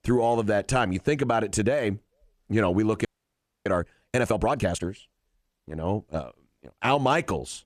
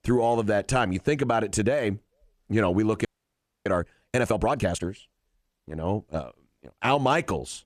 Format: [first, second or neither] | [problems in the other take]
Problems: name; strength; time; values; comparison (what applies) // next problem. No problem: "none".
neither | audio freezing; at 3 s for 0.5 s; the same in both